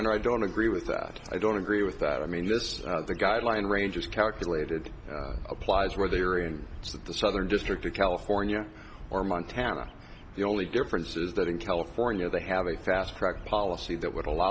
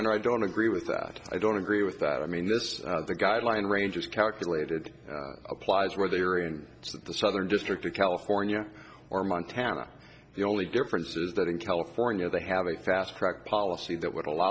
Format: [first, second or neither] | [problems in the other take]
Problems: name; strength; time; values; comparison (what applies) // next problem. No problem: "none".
second | background sound (Bird vocalization, bird call, bird song); 12 dB below the speech